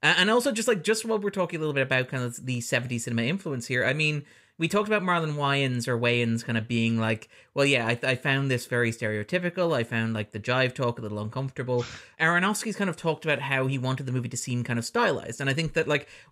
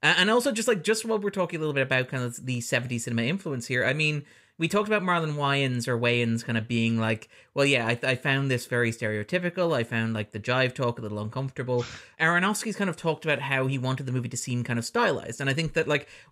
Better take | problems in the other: neither | none

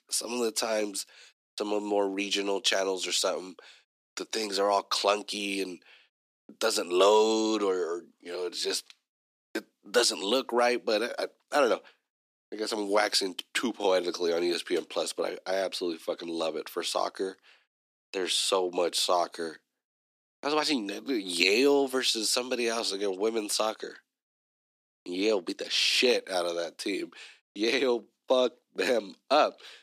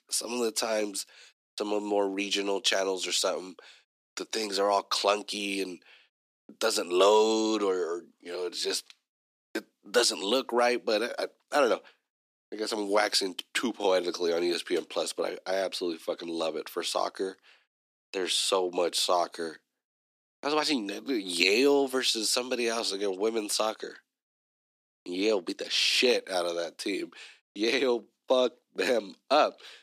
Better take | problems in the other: neither | thin; somewhat; fading below 250 Hz; the same in both

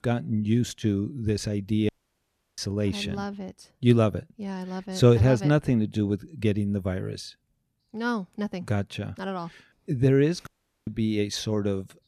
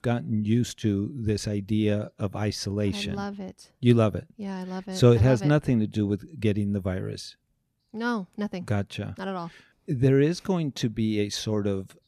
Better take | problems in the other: second | audio cutting out; at 2 s for 0.5 s and at 10 s

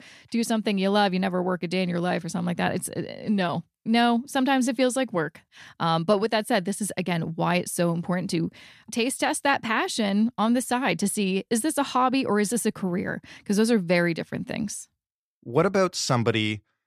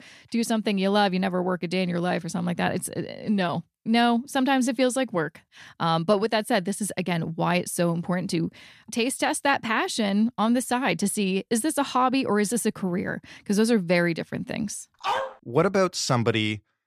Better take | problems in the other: first | dog barking; noticeable; at 15 s; peak 3 dB below the speech

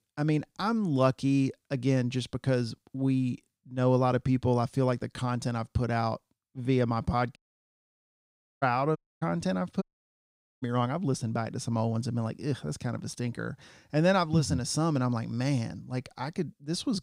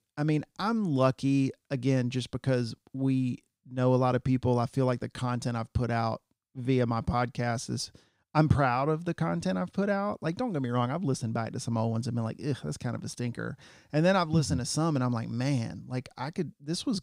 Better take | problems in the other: second | audio cutting out; at 7.5 s for 1.5 s, at 9 s and at 10 s for 1 s

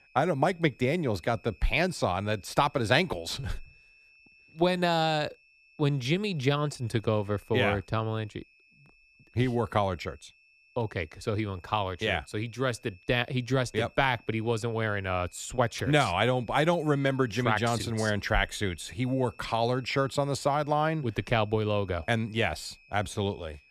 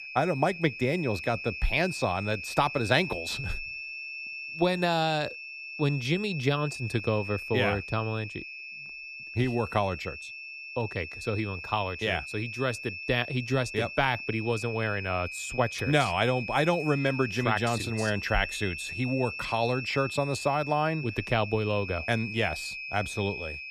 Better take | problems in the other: first | high-pitched whine; loud; throughout; 2.5 kHz, 8 dB below the speech; faint in the first

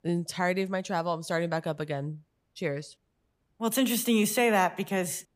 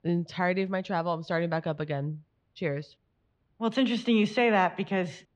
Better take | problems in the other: first | muffled; slightly; fading above 4 kHz

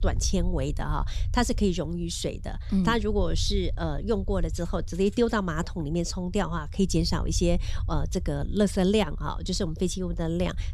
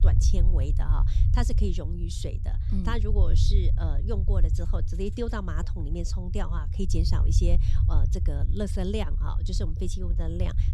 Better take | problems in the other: first | low rumble; loud; throughout; 7 dB below the speech; faint in the first

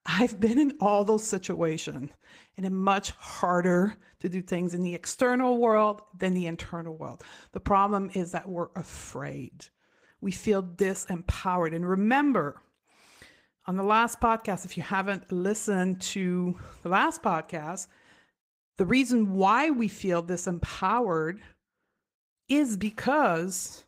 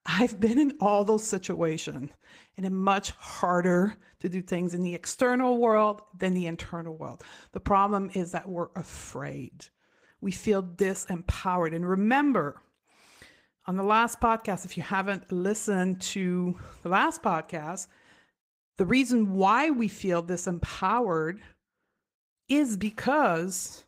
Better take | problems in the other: neither | garbled, watery; slightly; nothing above 15.5 kHz; the same in both

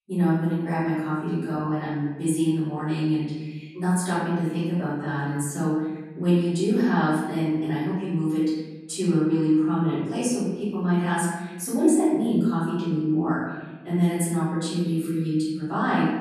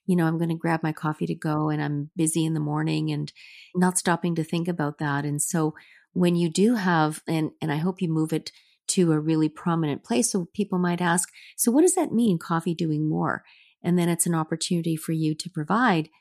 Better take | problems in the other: second | off-mic speech; far // room echo; strong; dies away in 1.2 s

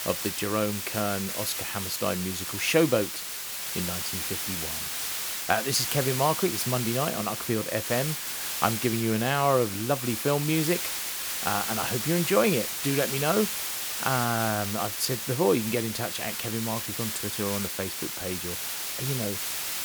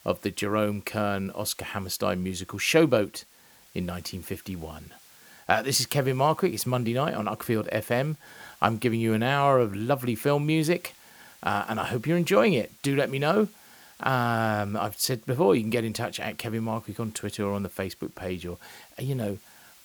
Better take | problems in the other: second | hiss; loud; throughout; 2 dB below the speech; faint in the second

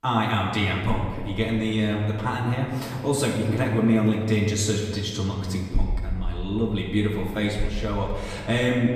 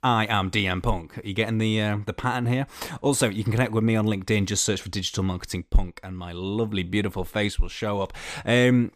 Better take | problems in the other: second | off-mic speech; far // room echo; noticeable; dies away in 1.9 s

